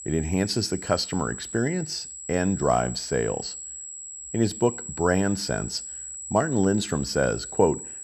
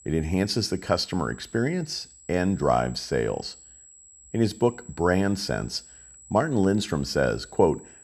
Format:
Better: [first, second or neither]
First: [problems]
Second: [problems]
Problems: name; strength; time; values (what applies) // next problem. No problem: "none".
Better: second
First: high-pitched whine; loud; throughout; 8 kHz, 9 dB below the speech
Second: high-pitched whine; faint; throughout; 8 kHz, 20 dB below the speech